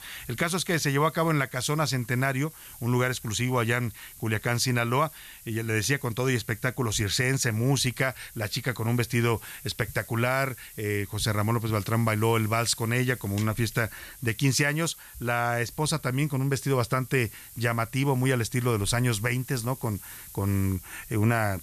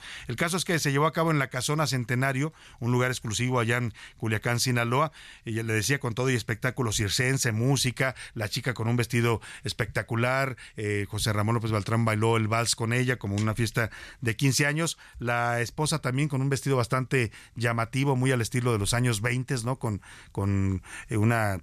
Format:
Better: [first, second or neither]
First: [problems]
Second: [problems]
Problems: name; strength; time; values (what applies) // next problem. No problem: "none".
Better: second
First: hiss; noticeable; throughout; 15 dB below the speech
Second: none